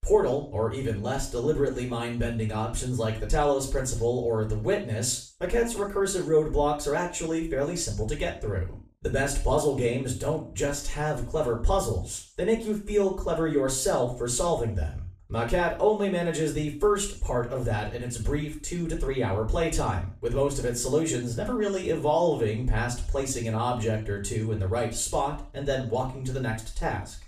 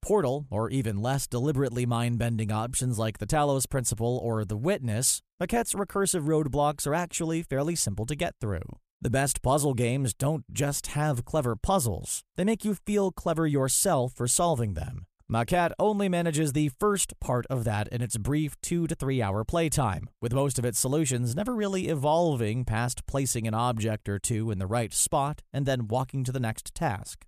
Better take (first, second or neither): second